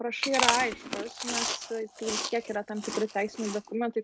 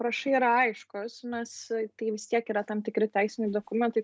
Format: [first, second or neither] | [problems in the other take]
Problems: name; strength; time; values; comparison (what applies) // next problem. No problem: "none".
second | background sound (Chewing, mastication); 2 dB below the speech